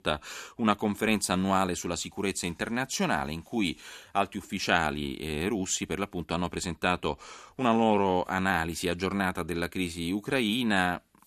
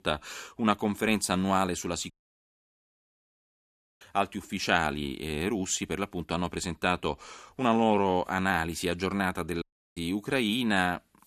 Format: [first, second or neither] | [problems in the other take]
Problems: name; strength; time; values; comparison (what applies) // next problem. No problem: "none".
first | audio cutting out; at 2 s for 2 s and at 9.5 s